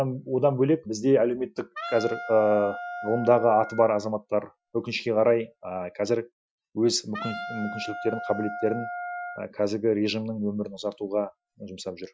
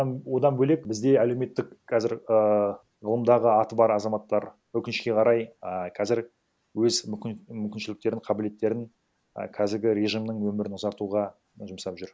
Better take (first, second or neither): second